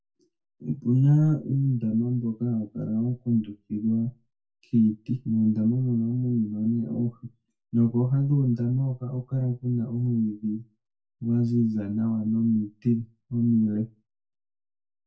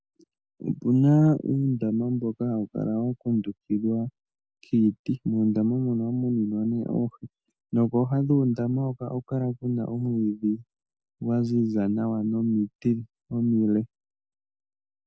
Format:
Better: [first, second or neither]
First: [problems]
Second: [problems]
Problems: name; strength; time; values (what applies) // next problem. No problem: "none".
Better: second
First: room echo; dies away in 0.2 s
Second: none